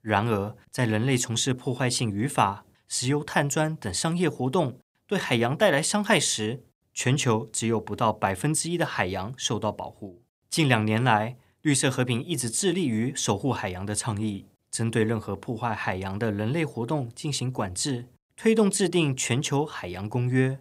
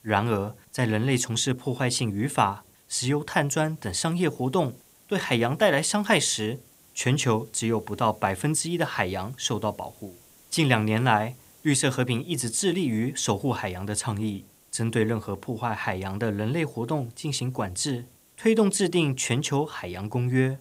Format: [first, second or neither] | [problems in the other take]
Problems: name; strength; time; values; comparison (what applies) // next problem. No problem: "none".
first | hiss; faint; throughout; 30 dB below the speech